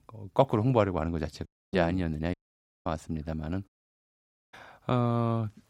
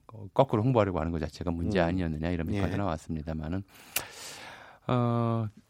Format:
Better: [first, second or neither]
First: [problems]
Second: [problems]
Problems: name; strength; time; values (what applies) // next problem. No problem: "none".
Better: second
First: audio cutting out; at 1.5 s, at 2.5 s for 0.5 s and at 3.5 s for 1 s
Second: none